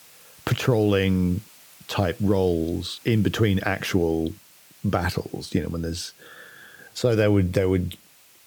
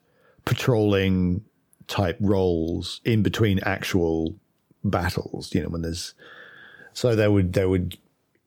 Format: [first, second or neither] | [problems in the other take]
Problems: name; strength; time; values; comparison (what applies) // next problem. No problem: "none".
second | hiss; faint; throughout; 25 dB below the speech